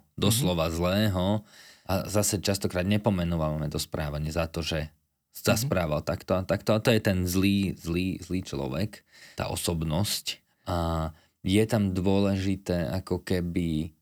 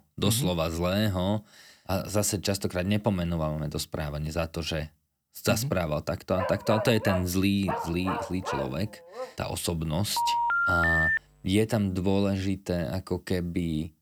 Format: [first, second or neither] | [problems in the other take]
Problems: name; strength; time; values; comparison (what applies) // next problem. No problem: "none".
first | dog barking; noticeable; from 6.5 to 9.5 s; peak 2 dB below the speech // phone ringing; loud; from 10 to 11 s; peak 6 dB above the speech